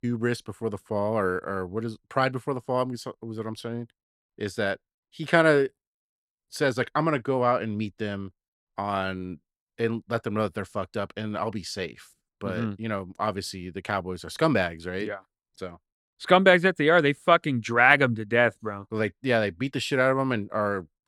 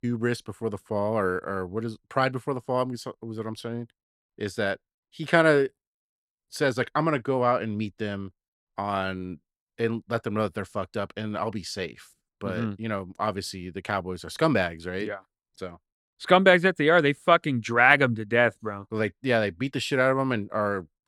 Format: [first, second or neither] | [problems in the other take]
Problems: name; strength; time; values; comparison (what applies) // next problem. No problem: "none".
neither | none